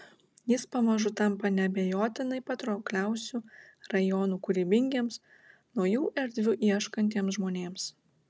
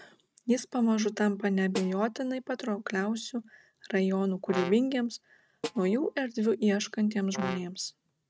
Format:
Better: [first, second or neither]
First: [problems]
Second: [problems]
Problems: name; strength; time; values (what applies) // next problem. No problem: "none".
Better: first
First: none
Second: noise reduction (neural mask model RNNoise)